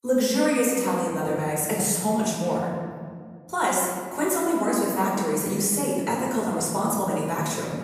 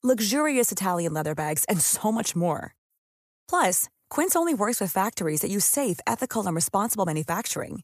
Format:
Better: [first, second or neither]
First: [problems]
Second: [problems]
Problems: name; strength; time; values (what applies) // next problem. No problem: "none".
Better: second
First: room echo; noticeable; dies away in 1.7 s // off-mic speech; far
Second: none